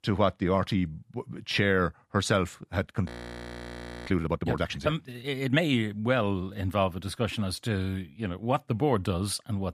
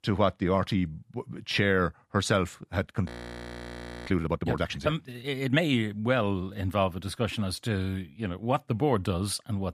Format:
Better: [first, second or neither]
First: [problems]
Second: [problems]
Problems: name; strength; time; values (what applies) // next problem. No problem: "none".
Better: neither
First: audio freezing; at 3 s for 1 s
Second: audio freezing; at 3 s for 1 s